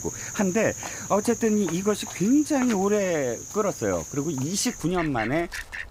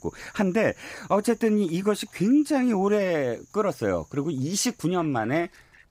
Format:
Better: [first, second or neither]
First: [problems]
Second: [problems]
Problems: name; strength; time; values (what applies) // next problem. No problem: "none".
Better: second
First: animal sounds; loud; throughout; 9 dB below the speech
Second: animal sounds; faint; throughout; 30 dB below the speech